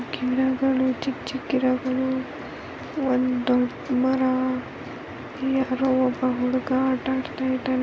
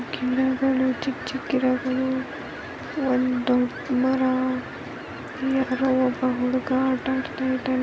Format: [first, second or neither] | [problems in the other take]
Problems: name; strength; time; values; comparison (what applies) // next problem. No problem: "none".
first | background sound (Fowl); 17 dB below the speech